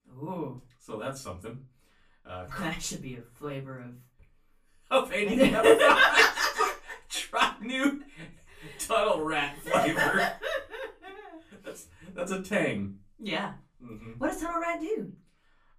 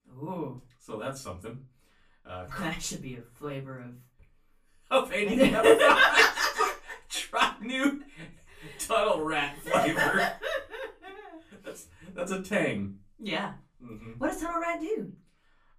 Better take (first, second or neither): neither